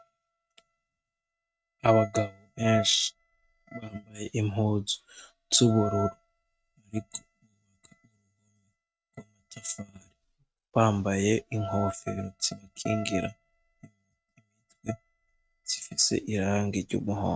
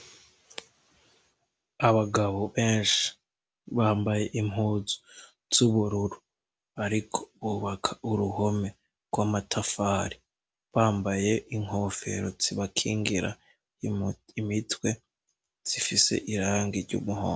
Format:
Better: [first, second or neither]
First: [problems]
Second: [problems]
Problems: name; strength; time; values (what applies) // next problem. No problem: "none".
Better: second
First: noise reduction (neural mask model RNNoise)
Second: none